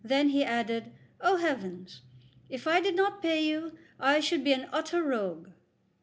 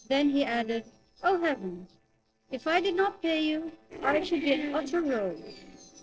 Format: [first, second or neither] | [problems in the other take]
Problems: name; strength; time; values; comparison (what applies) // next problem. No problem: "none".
first | noise reduction (neural separator model SepFormer DNS4)